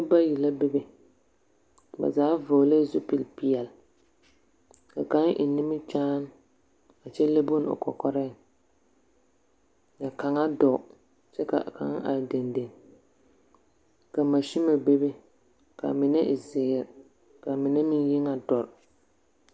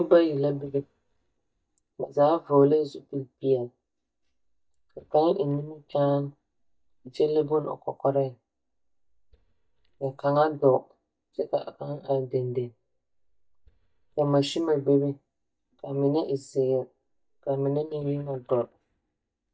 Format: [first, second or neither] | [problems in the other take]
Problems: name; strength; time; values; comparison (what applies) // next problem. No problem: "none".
first | noise reduction (neural mask model DeepFilterNet 3)